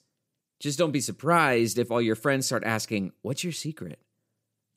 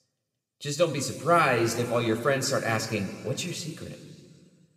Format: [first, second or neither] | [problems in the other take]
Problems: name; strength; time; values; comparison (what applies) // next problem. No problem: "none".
first | room echo; slight; dies away in 1.9 s